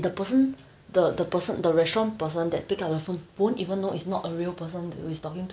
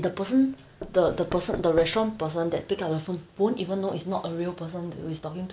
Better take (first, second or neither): first